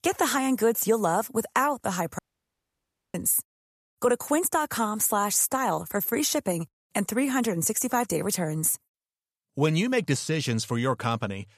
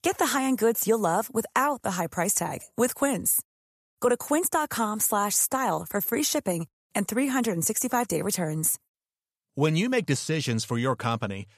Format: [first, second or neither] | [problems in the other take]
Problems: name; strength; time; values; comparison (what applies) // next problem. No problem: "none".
second | audio cutting out; at 2 s for 1 s